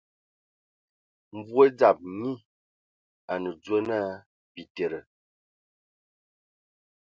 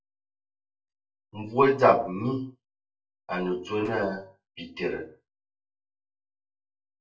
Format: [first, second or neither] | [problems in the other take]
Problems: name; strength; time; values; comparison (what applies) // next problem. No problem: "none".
first | room echo; dies away in 0.3 s